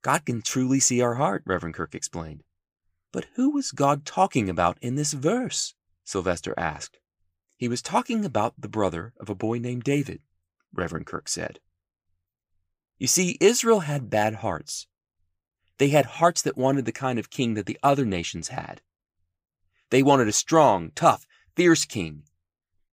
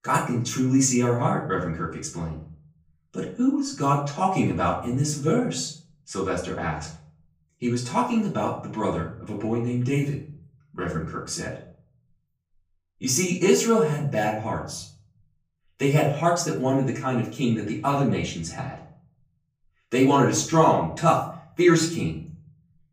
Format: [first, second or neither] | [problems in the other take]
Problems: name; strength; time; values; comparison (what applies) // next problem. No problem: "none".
first | off-mic speech; far // room echo; slight; dies away in 0.5 s